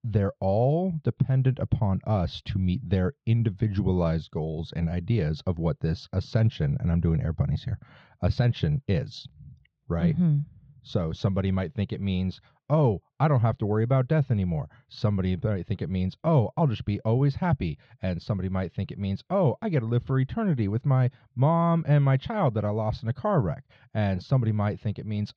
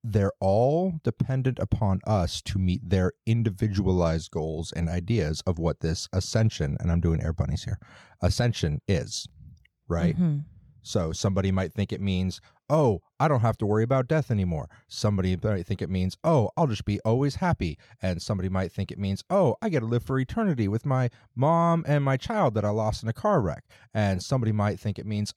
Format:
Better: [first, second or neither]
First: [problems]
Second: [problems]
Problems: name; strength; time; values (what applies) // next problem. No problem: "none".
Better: second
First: muffled; very slightly; fading above 4 kHz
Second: none